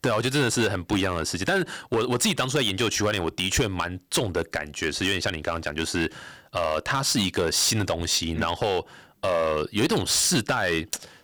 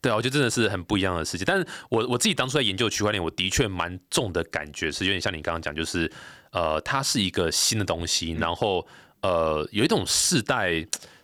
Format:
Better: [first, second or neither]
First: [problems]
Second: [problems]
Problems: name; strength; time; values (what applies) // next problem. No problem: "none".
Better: second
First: distortion; slight; 6% of the sound clipped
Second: none